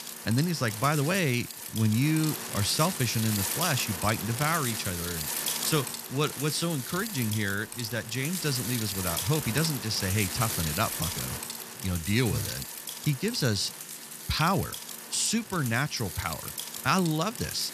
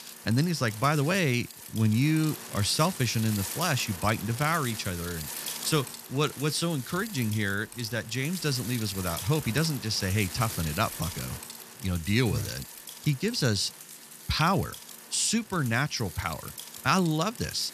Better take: second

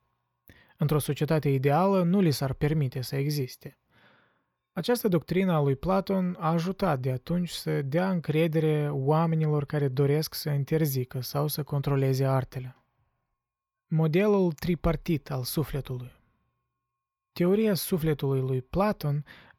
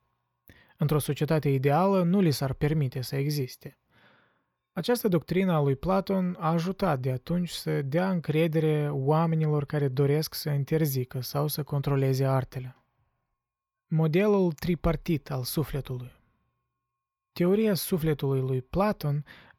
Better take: neither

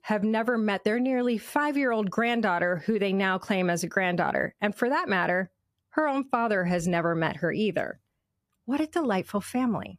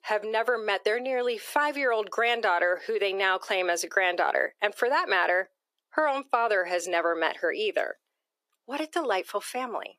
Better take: first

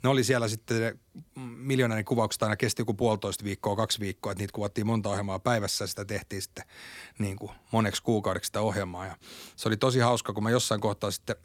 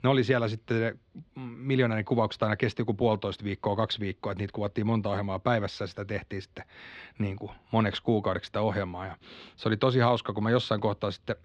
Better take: first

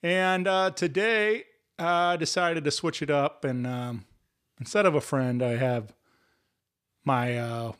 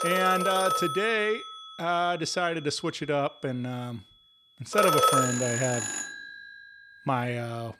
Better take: first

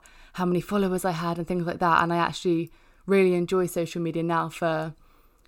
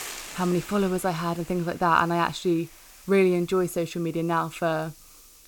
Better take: first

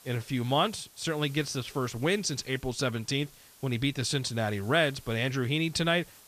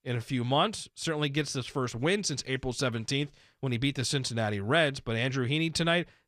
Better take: second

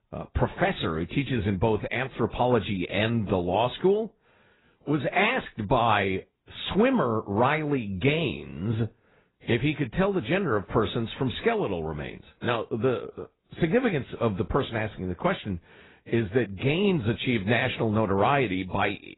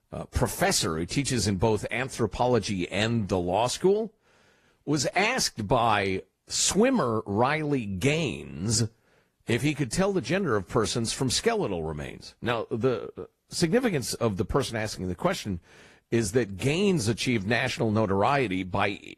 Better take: second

